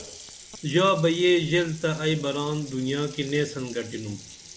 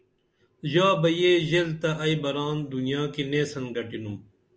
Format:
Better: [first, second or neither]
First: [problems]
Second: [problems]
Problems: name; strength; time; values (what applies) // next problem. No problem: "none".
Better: second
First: background sound (Water tap, faucet); 19 dB below the speech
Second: none